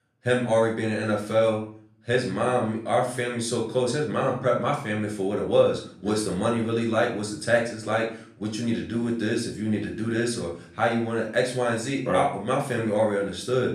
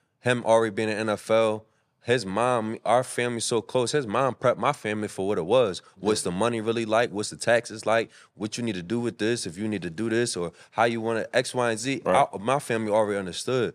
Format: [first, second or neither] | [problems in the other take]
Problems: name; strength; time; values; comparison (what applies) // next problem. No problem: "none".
second | off-mic speech; far // room echo; slight; dies away in 0.5 s